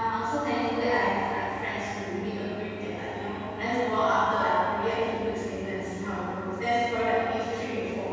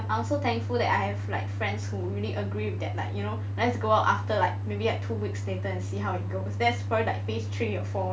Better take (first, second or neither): second